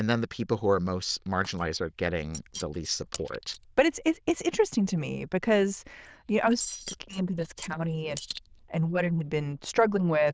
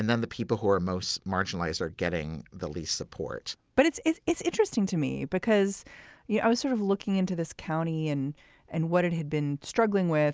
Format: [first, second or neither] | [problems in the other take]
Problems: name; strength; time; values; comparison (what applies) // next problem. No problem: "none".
second | noise reduction (neural diffusion model UNIVERSE++)